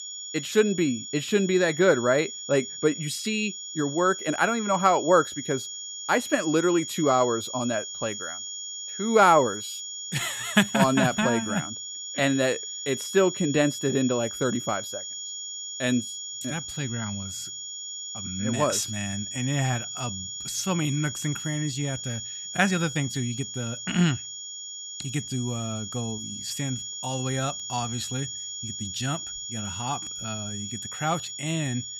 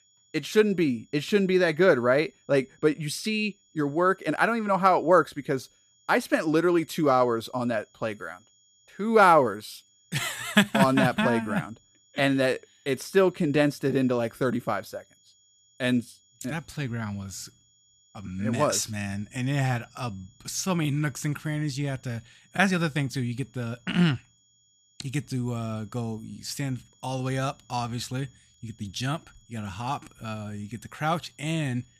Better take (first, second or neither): second